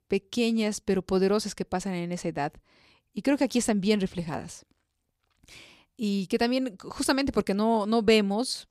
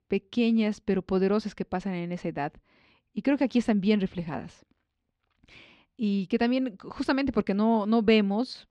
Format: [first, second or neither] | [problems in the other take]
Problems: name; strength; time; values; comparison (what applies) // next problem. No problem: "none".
first | muffled; very slightly; fading above 3 kHz